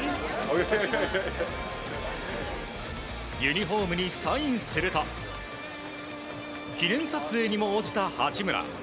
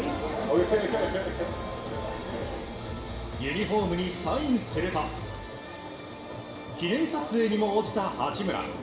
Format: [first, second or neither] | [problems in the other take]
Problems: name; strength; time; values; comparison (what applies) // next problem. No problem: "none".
first | room echo; dies away in 0.8 s